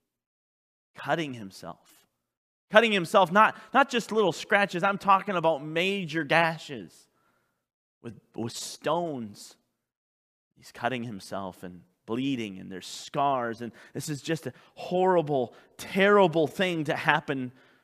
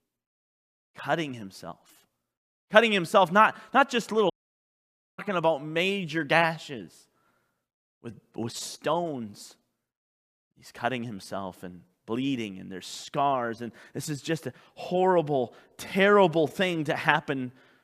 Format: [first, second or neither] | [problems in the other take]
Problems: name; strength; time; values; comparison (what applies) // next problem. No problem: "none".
first | audio cutting out; at 4.5 s for 1 s